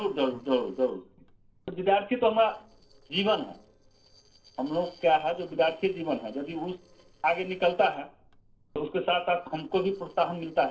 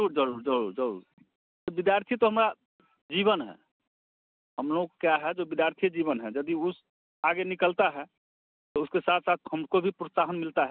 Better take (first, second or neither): second